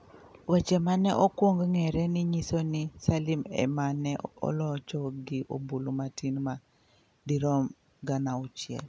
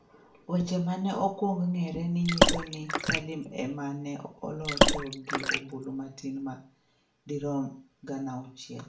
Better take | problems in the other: first | background sound (Water / Splash, splatter); 5 dB above the speech // room echo; dies away in 0.4 s

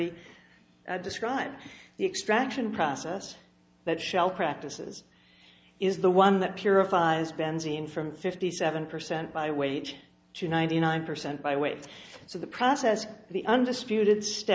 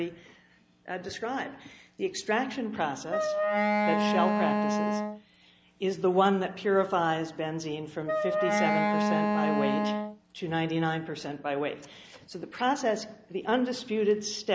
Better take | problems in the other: first | background sound (Wind instrument, woodwind instrument); 3 dB above the speech

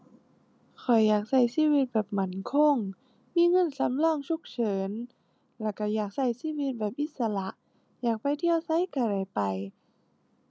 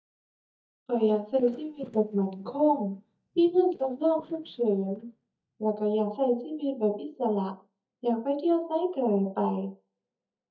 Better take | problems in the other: first | noise reduction (neural mask model DeepFilterNet 3)

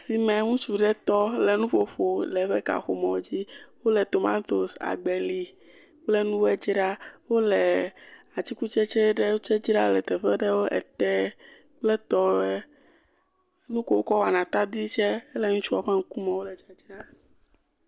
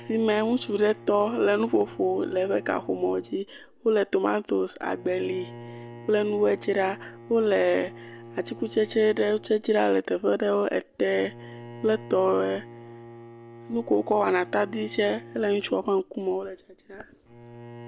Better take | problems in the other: first | background sound (Bowed string instrument); 18 dB below the speech

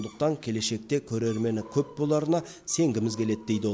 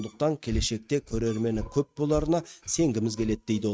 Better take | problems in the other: first | noise reduction (neural mask model RNNoise)

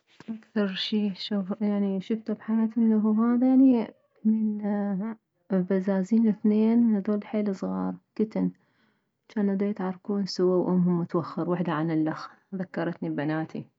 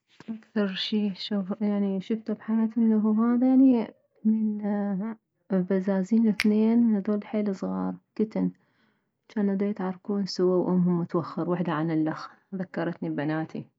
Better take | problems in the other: first | noise reduction (neural mask model Resemble Enhance denoiser)

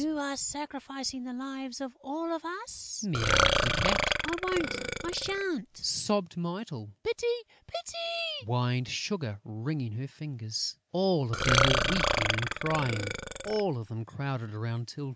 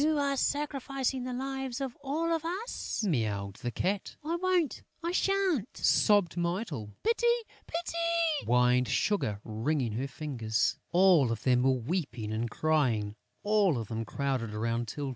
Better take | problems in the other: second | background sound (Burping, eructation); 3 dB above the speech

